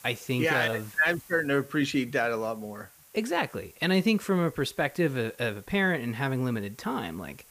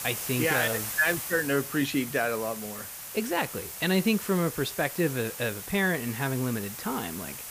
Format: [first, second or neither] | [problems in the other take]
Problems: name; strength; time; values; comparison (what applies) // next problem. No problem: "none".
first | hiss; loud; throughout; 7 dB below the speech; faint in the first